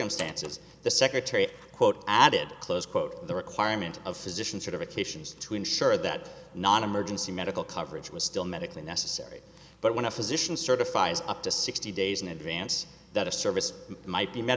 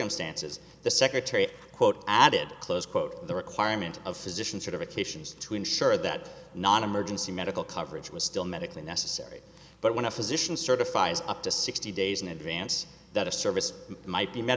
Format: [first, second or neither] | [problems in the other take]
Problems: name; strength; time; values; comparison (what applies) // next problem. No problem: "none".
second | background sound (Door); 12 dB below the speech